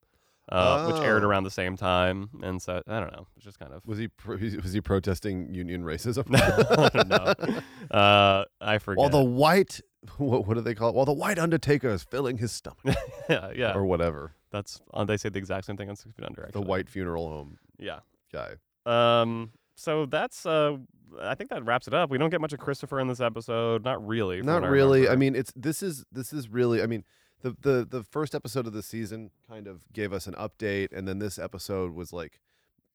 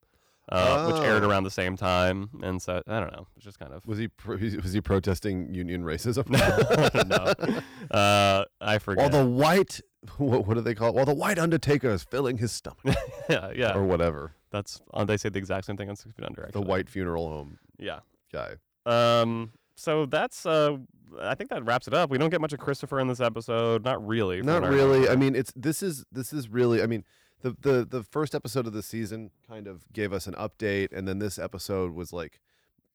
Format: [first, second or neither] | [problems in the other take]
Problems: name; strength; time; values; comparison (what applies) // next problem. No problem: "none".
first | distortion; slight; 3% of the sound clipped